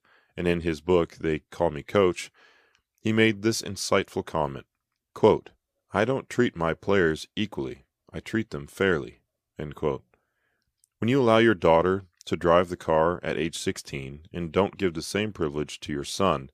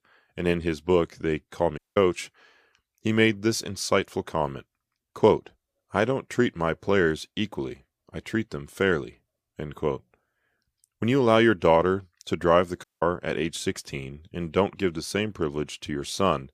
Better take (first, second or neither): first